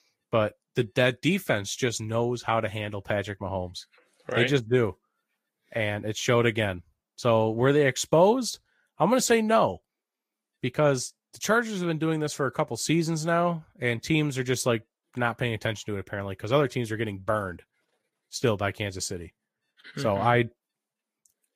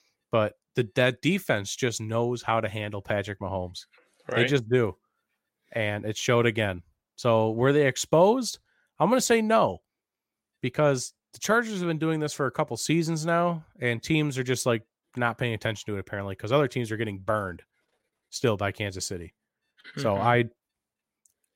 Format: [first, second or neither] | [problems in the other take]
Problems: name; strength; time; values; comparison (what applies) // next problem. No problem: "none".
second | garbled, watery; slightly; nothing above 15 kHz